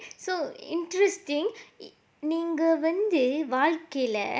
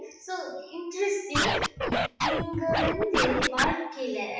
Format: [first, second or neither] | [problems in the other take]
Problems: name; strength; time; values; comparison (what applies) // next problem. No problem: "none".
first | noise reduction (classical method WPE with log-MMSE)